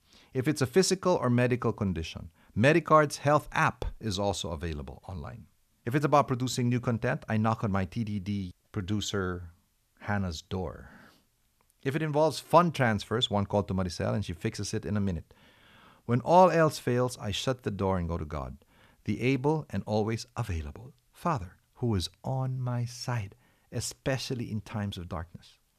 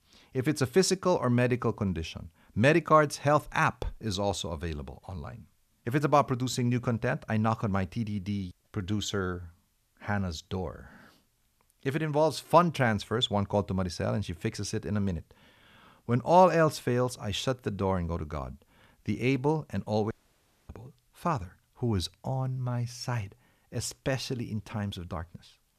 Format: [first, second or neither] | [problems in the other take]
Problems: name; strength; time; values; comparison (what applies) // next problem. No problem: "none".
first | audio cutting out; at 20 s for 0.5 s